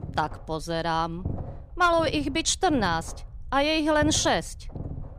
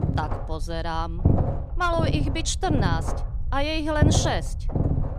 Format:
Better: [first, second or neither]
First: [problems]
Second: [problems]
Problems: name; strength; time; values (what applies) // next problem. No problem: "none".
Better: first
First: low rumble; faint; throughout; 20 dB below the speech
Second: low rumble; loud; throughout; 7 dB below the speech